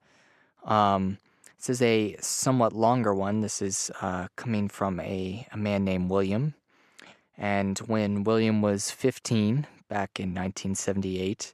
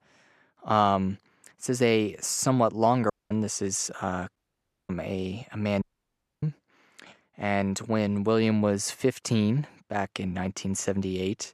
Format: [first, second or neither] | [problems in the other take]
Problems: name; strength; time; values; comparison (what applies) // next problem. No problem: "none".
first | audio cutting out; at 3 s, at 4.5 s for 0.5 s and at 6 s for 0.5 s